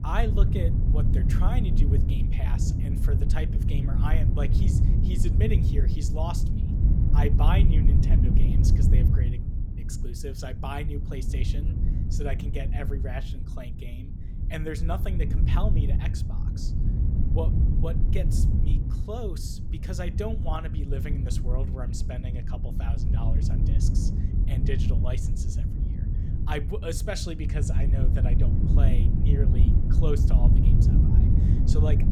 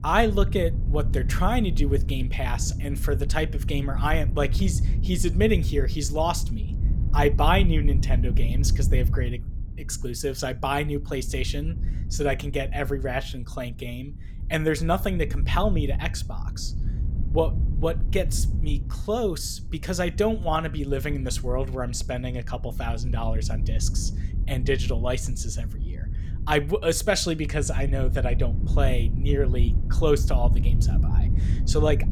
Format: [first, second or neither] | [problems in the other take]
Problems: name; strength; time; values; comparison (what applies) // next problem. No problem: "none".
second | wind noise on the microphone; heavy; 1 dB below the speech; occasional gusts in the second